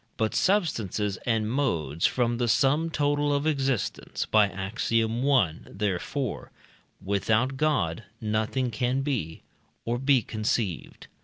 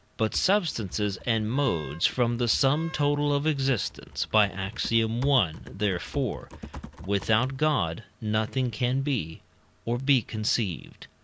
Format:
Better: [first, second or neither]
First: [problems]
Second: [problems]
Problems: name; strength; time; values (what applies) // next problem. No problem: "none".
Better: first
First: none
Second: background sound (Typing + Wind instrument, woodwind instrument); 19 dB below the speech